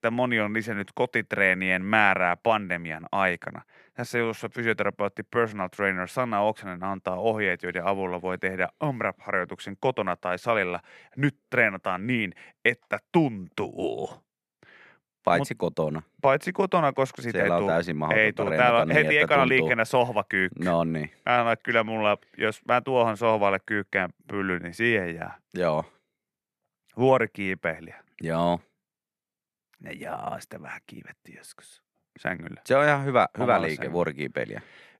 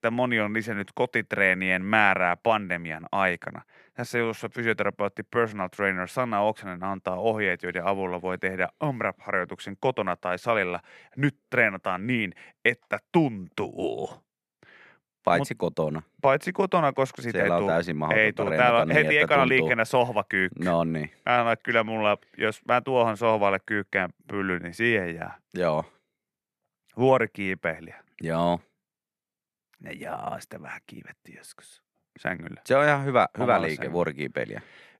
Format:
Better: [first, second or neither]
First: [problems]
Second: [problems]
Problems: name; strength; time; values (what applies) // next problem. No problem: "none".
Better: neither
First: none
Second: none